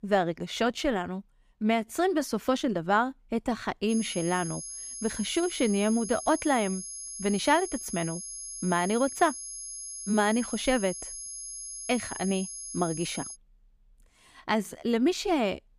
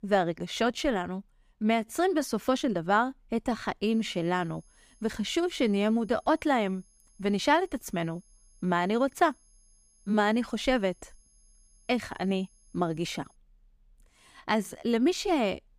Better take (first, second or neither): second